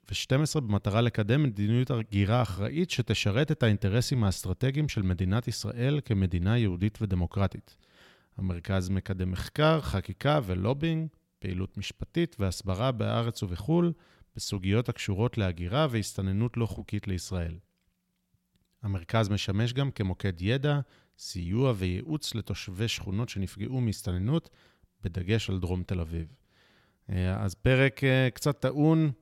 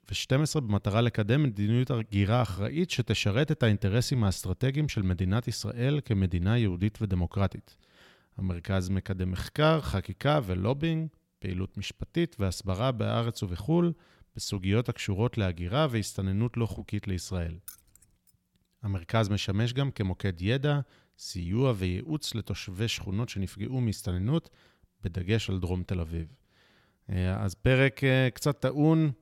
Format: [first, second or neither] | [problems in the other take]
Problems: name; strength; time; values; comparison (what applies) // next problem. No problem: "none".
first | jangling keys; faint; at 18 s; peak 15 dB below the speech